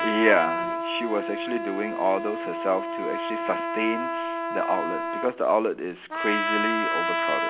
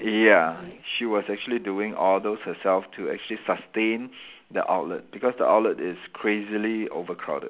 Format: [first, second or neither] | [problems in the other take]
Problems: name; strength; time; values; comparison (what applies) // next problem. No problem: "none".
second | background sound (Trumpet); 1 dB below the speech